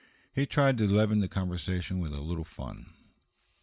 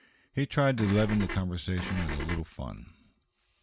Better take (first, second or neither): first